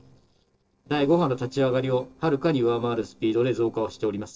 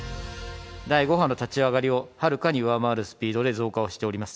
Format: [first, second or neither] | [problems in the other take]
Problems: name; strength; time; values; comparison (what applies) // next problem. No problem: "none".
second | noise reduction (neural separator model SepFormer DNS4)